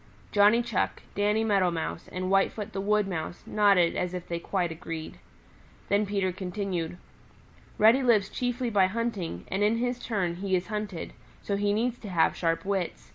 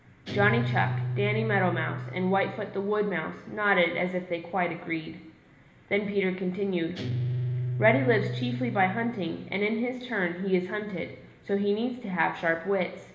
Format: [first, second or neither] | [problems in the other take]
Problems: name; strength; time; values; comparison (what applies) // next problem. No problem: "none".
first | background sound (Guitar); 7 dB below the speech // room echo; dies away in 1.1 s